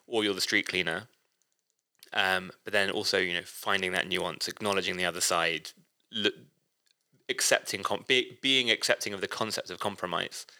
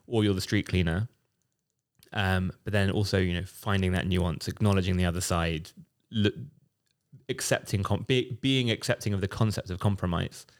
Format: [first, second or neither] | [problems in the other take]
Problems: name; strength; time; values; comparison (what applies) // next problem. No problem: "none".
second | thin; very; fading below 450 Hz